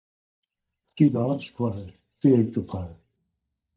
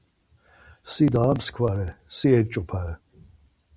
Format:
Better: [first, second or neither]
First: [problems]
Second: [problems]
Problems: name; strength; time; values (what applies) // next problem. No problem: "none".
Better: second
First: noise reduction (neural mask model DeepFilterNet 3)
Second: none